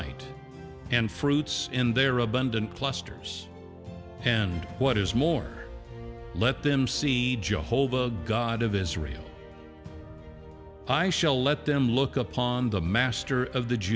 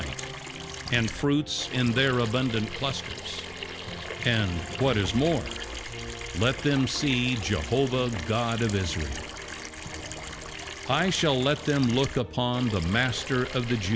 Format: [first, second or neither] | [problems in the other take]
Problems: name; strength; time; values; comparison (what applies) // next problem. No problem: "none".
first | background sound (Sink (filling or washing) / Water tap, faucet); 11 dB below the speech